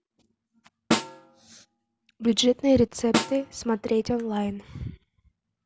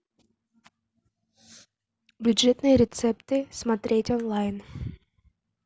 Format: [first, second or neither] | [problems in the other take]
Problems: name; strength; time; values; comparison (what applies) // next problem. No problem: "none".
second | background sound (Snare drum); 4 dB below the speech